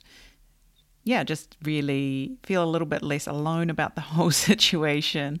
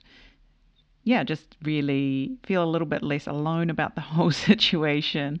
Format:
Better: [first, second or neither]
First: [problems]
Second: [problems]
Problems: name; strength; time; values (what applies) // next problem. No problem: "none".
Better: first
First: none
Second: muffled; very slightly; fading above 4.5 kHz